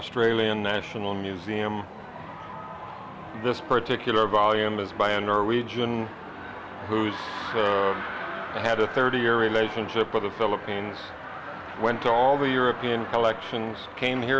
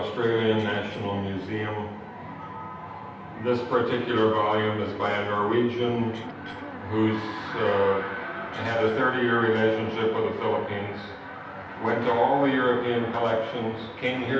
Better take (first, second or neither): first